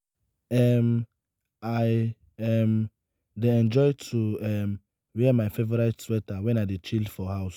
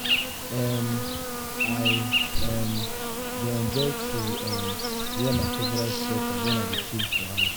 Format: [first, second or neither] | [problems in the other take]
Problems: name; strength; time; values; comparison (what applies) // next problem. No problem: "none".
first | background sound (Insect); 4 dB above the speech